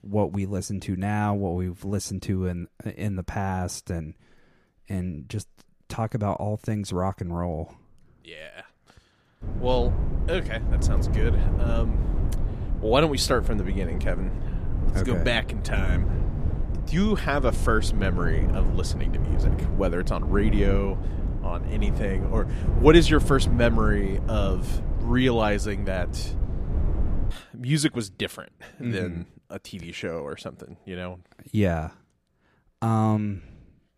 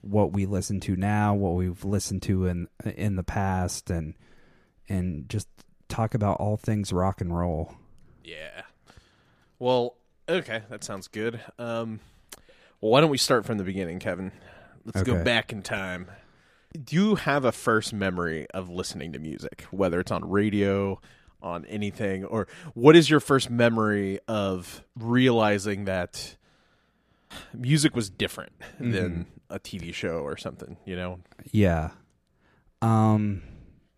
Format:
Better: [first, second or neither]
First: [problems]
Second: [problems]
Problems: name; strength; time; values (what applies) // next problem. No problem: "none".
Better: second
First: wind noise on the microphone; occasional gusts; from 9.5 to 27 s; 10 dB below the speech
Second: none